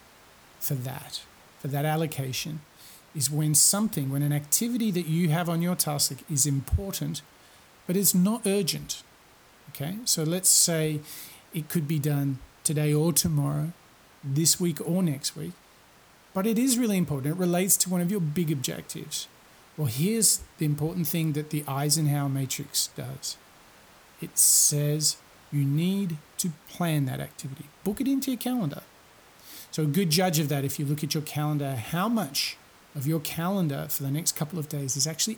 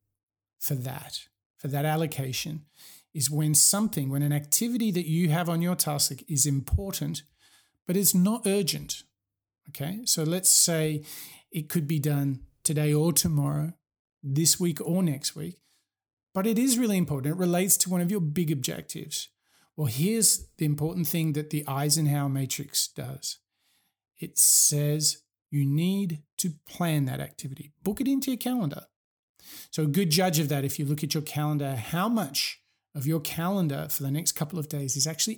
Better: second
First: hiss; faint; throughout; 30 dB below the speech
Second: none

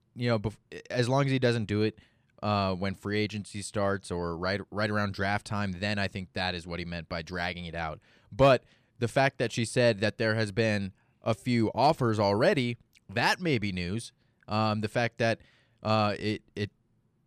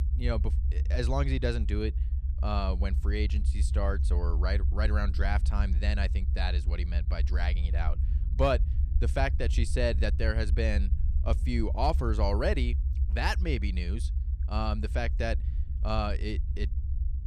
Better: first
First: none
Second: low rumble; noticeable; throughout; 15 dB below the speech

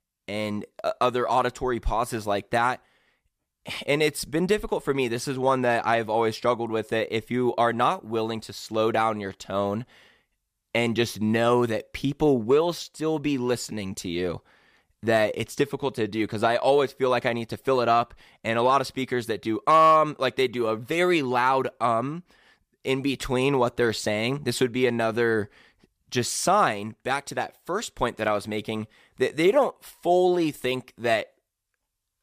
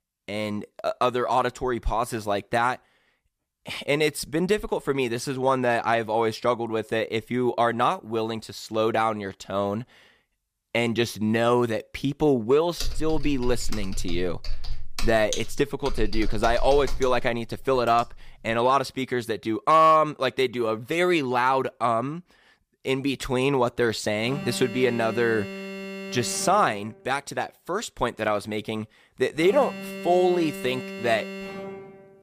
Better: first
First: none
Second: keyboard typing; noticeable; from 13 to 18 s; peak 7 dB below the speech // alarm; noticeable; from 24 s on; peak 10 dB below the speech

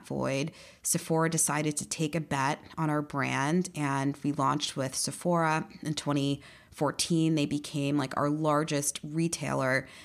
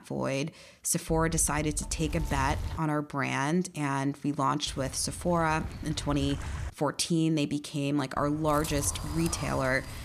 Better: first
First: none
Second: wind noise on the microphone; occasional gusts; from 1 to 3 s, from 4.5 to 6.5 s and from 8 s on; 15 dB below the speech

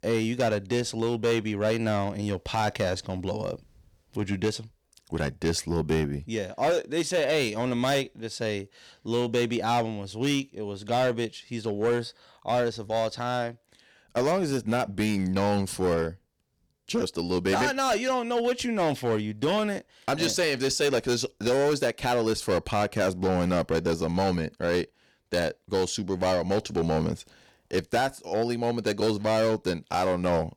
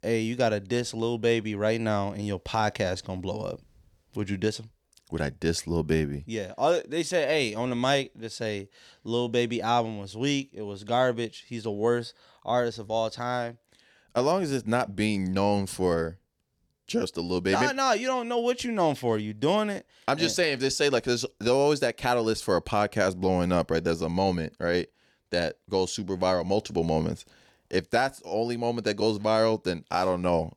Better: second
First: distortion; slight; 8% of the sound clipped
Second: none

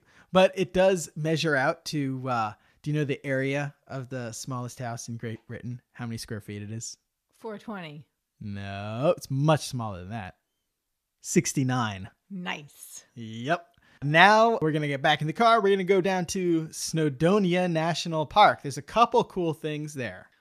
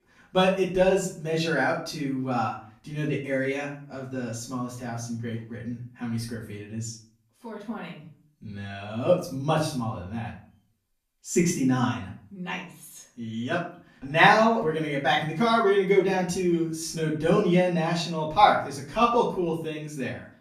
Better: first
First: none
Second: room echo; slight; dies away in 0.4 s // off-mic speech; far

